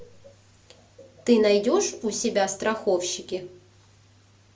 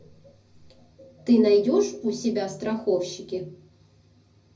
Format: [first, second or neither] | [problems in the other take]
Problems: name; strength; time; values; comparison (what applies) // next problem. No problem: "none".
first | room echo; dies away in 0.4 s